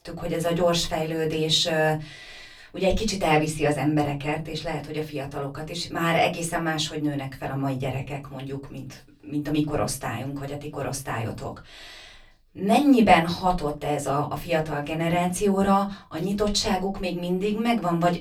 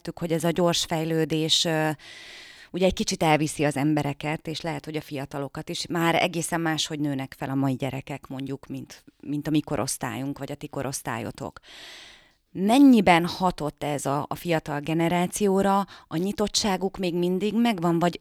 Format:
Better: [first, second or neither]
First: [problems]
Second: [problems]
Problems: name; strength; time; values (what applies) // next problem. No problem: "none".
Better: second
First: off-mic speech; far // room echo; very slight; dies away in 0.2 s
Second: none